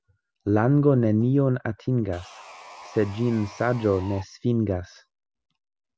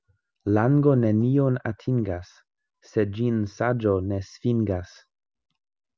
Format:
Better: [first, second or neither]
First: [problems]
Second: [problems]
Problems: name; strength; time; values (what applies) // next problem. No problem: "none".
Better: second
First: background sound (Sawing); 18 dB below the speech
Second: none